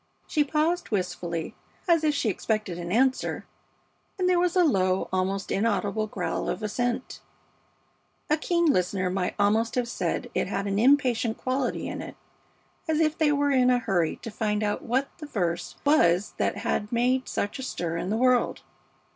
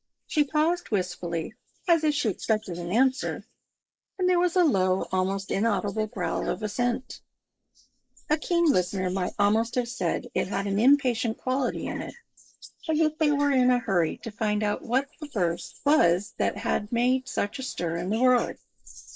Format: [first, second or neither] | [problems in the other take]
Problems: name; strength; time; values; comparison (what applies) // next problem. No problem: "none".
first | noise reduction (neural mask model Resemble Enhance denoiser)